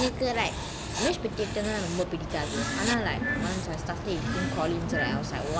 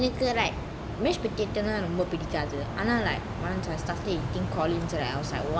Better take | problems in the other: second | background sound (Writing + Glass); 5 dB below the speech

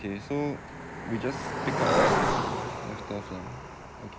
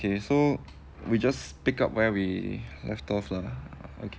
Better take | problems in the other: second | background sound (Cricket + Burping, eructation); 4 dB above the speech

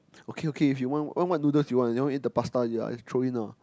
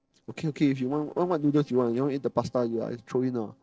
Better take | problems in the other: first | noise reduction (neural separator model SepFormer DNS4)

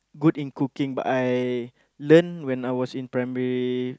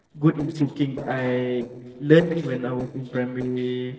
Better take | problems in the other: first | noise reduction (neural separator model SepFormer DNS4)

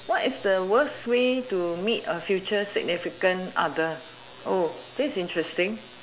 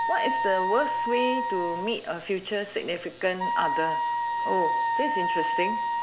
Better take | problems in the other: first | background sound (Wind instrument, woodwind instrument); 1 dB above the speech

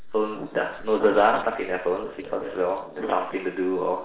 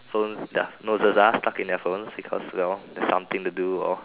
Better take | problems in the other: second | noise reduction (neural separator model SepFormer DNS4)

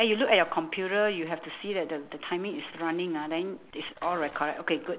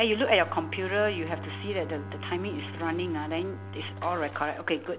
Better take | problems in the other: first | background sound (Bowed string instrument); 10 dB below the speech

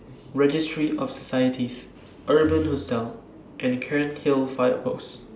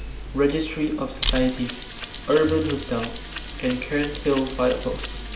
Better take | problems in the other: first | background sound (Mechanisms); 7 dB below the speech

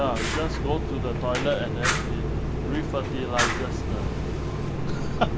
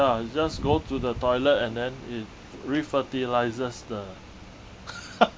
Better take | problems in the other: second | background sound (Fire); 4 dB above the speech

